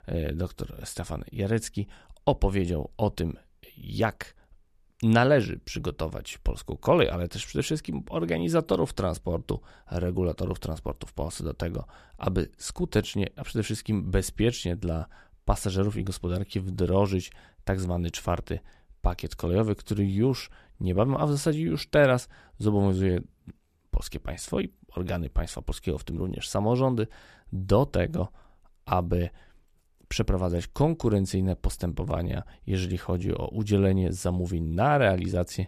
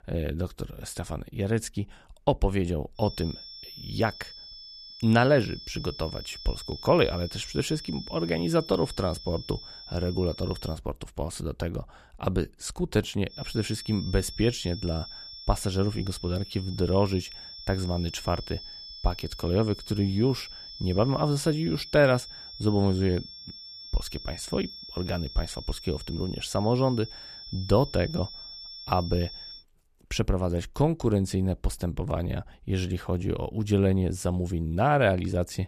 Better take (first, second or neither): first